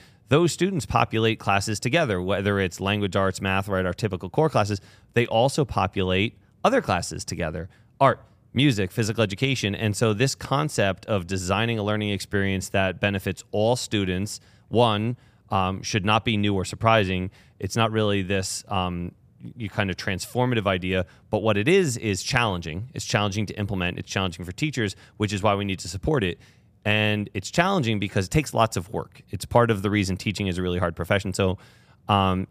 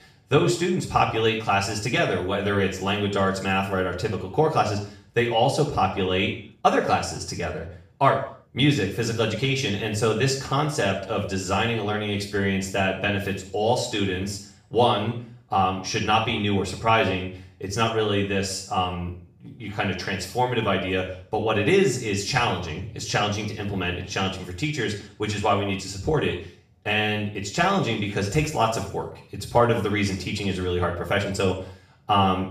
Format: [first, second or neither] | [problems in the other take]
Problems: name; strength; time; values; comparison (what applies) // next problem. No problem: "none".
first | room echo; noticeable; dies away in 0.5 s // off-mic speech; far